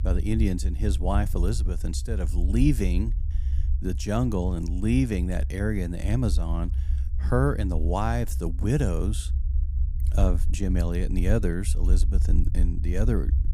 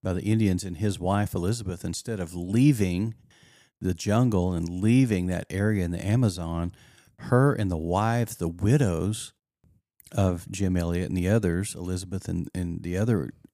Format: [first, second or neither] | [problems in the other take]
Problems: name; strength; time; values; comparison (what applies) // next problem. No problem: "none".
second | low rumble; noticeable; throughout; 15 dB below the speech